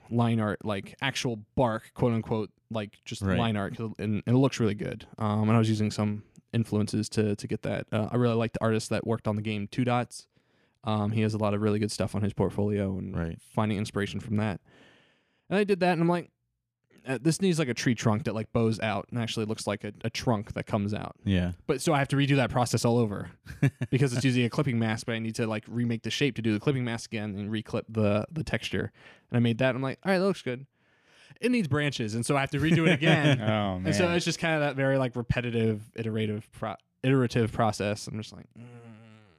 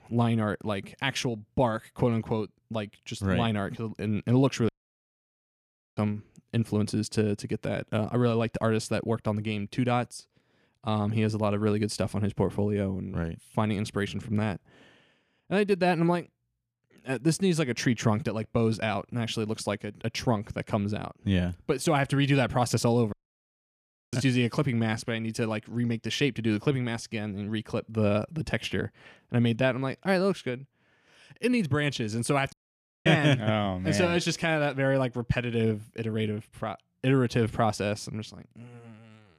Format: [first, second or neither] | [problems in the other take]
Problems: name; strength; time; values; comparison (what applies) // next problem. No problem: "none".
first | audio cutting out; at 4.5 s for 1.5 s, at 23 s for 1 s and at 33 s for 0.5 s